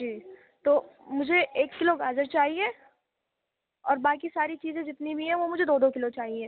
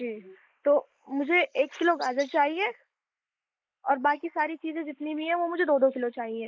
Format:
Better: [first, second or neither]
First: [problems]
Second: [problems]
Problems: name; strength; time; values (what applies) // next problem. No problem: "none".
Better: first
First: none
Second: noise reduction (neural mask model Resemble Enhance denoiser)